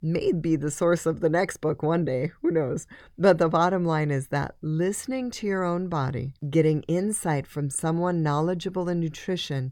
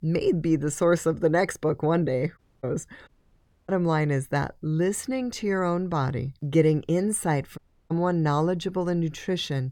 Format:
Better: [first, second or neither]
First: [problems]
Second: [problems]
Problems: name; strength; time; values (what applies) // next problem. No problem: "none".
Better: first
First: none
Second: audio cutting out; at 2.5 s, at 3 s for 0.5 s and at 7.5 s